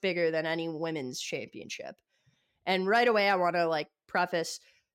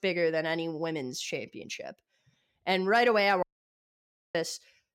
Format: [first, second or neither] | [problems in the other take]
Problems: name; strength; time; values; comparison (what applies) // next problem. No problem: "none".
first | audio cutting out; at 3.5 s for 1 s